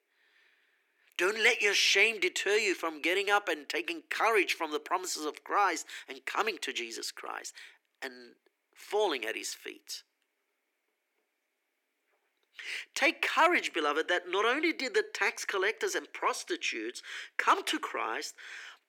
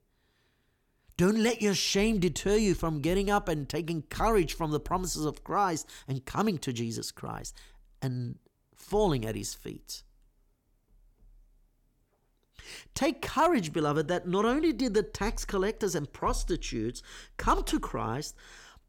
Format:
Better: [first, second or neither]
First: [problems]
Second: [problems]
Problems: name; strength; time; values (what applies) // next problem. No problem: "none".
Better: second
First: thin; very; fading below 300 Hz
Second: none